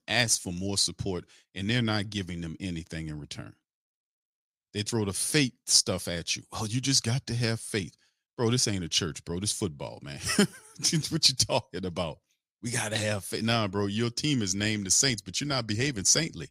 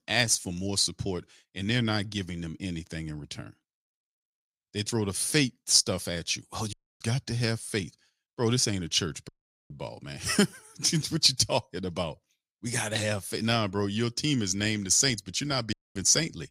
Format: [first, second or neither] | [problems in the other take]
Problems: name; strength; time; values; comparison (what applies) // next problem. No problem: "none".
first | audio cutting out; at 6.5 s, at 9.5 s and at 16 s